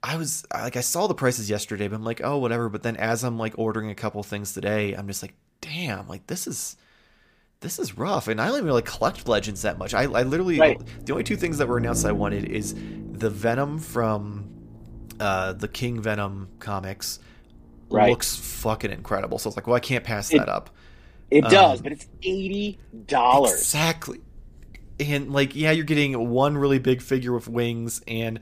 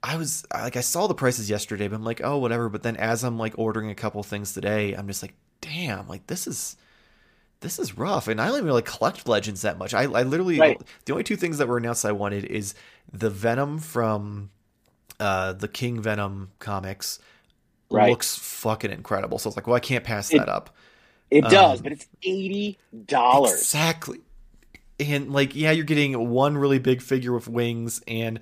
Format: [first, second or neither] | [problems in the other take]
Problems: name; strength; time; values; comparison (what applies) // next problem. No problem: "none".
second | low rumble; noticeable; from 8.5 s on; 20 dB below the speech